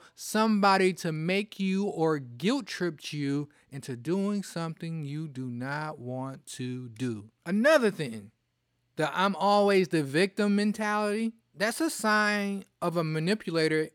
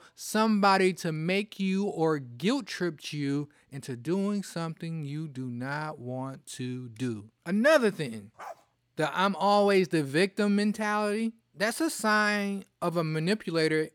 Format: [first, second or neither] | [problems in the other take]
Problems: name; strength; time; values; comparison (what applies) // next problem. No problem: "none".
first | dog barking; faint; at 8.5 s; peak 15 dB below the speech